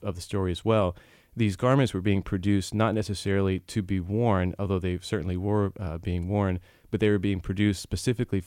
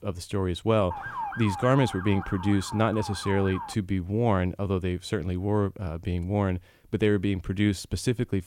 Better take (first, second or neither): first